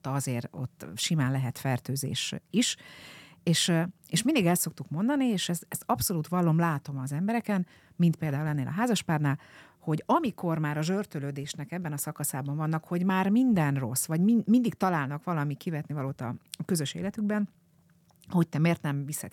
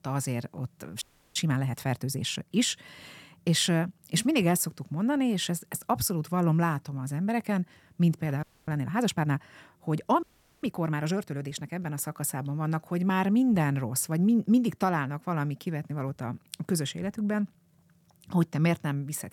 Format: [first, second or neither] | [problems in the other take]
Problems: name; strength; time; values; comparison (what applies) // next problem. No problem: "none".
first | audio freezing; at 1 s, at 8.5 s and at 10 s